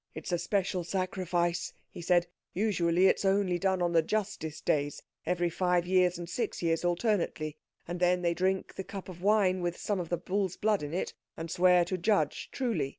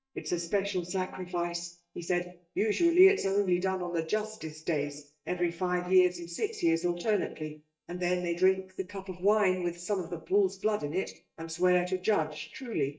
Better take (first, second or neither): first